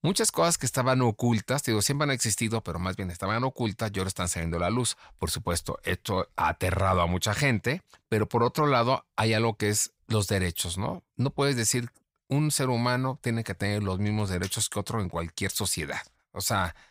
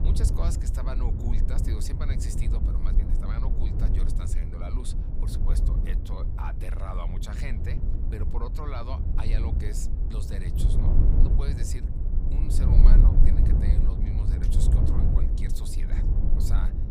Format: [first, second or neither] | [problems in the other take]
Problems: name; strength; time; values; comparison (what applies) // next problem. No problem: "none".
first | wind noise on the microphone; heavy; as loud as the speech